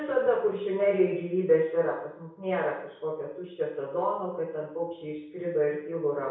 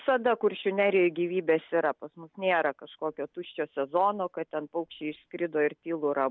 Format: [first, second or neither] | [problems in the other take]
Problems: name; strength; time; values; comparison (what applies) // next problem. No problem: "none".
second | room echo; dies away in 0.6 s